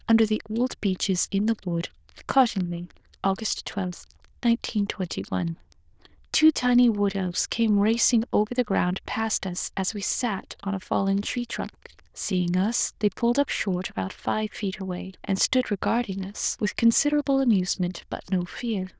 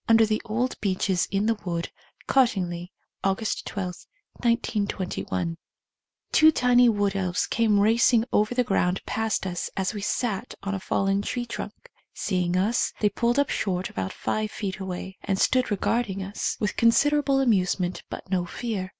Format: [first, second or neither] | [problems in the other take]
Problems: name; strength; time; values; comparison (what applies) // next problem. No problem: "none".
second | noise reduction (neural diffusion model UNIVERSE++)